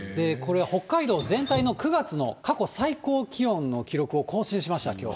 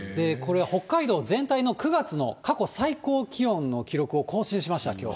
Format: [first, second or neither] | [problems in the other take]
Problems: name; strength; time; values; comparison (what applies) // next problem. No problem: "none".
second | background sound (Drip); 17 dB below the speech